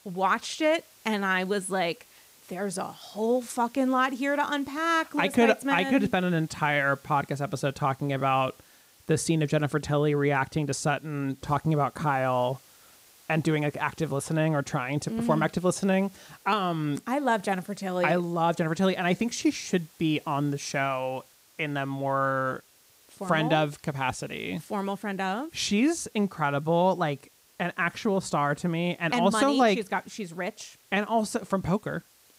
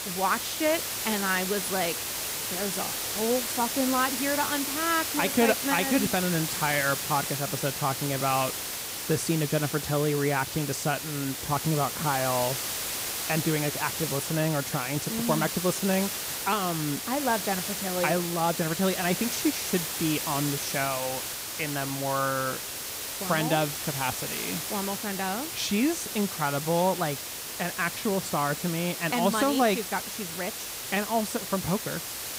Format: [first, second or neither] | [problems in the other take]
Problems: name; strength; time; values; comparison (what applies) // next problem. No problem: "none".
first | hiss; loud; throughout; 3 dB below the speech; faint in the first